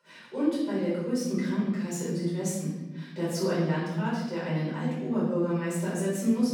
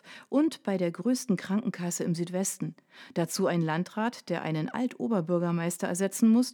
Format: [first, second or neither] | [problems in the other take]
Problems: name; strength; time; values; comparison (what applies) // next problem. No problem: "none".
second | room echo; strong; dies away in 1.4 s // off-mic speech; far